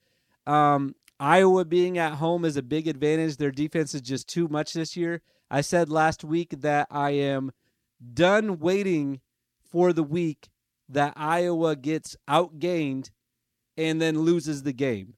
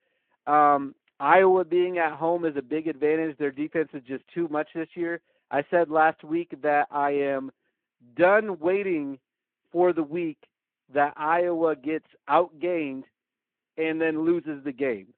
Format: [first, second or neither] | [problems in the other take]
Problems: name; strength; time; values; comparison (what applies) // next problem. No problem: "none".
first | phone-call audio